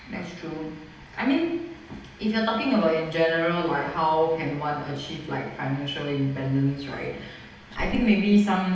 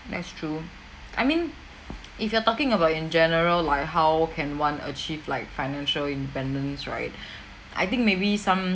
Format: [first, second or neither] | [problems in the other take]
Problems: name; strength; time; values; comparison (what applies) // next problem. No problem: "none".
second | background sound (Growling); 19 dB below the speech // room echo; dies away in 0.8 s